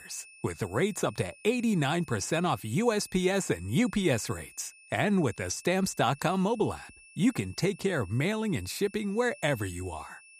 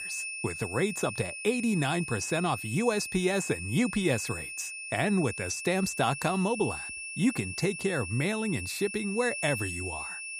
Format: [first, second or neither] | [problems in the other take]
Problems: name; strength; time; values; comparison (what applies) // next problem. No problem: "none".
first | high-pitched whine; loud; throughout; 2.5 kHz, 6 dB below the speech; faint in the first